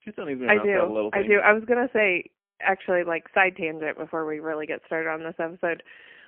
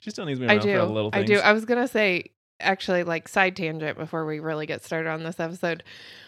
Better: second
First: phone-call audio; poor line; nothing above 2.5 kHz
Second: none

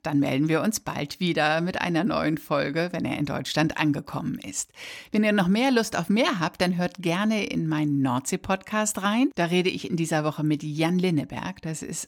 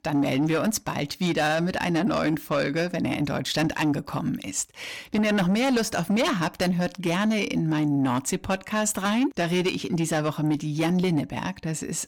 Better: first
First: none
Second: distortion; slight; 10 dB below the speech

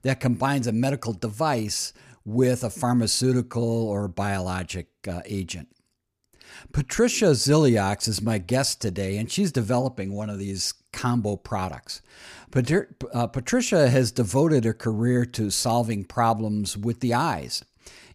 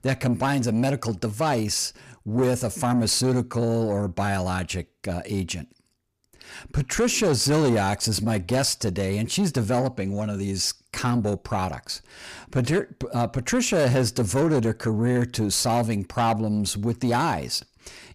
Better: first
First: none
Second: distortion; slight; 10 dB below the speech

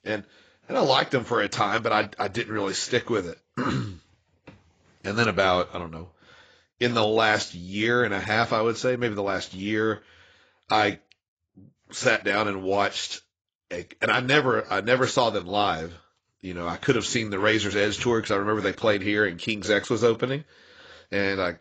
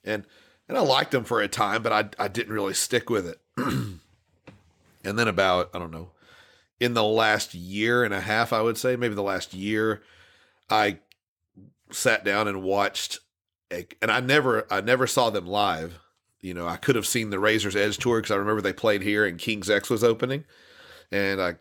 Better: second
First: garbled, watery; badly; nothing above 7.5 kHz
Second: none

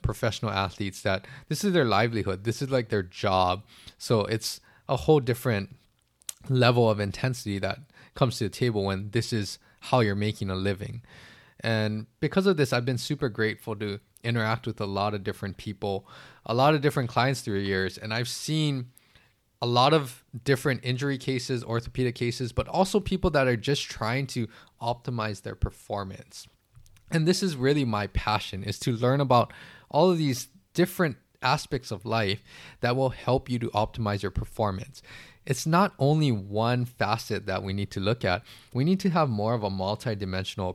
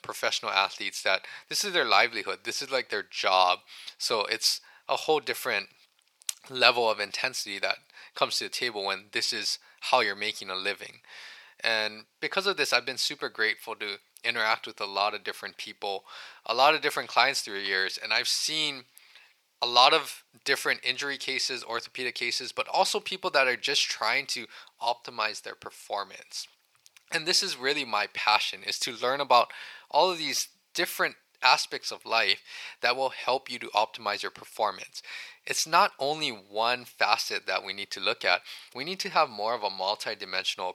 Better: first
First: none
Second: thin; very; fading below 650 Hz

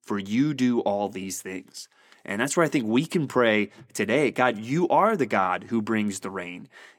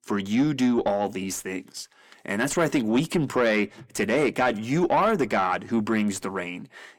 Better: first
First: none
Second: distortion; slight; 10 dB below the speech

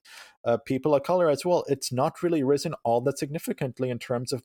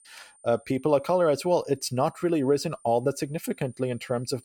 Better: first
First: none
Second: high-pitched whine; faint; throughout; 9 kHz, 30 dB below the speech

